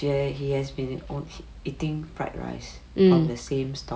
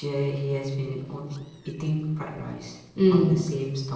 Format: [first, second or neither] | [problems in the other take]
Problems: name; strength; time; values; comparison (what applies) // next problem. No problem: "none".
first | noise reduction (neural separator model SepFormer DNS4)